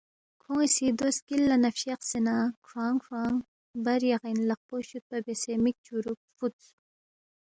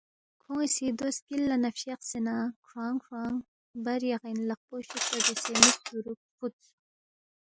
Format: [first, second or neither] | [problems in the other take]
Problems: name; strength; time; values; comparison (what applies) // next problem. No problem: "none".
first | noise reduction (classical method Wiener filter)